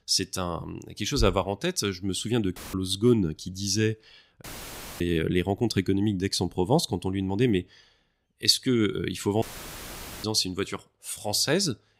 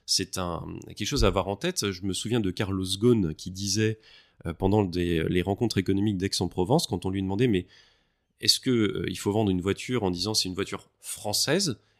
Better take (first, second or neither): second